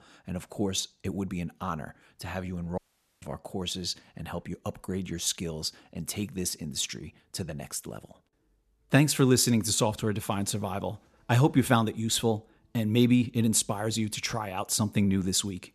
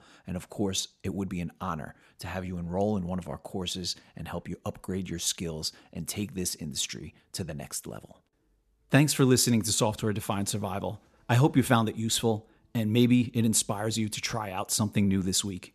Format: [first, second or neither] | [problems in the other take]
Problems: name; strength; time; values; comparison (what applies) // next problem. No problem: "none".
second | audio cutting out; at 3 s